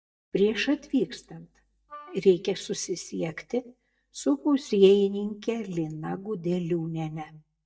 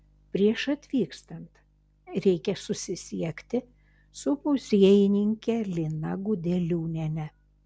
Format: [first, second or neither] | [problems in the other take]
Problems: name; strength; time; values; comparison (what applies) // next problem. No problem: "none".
second | noise reduction (neural mask model DeepFilterNet 3)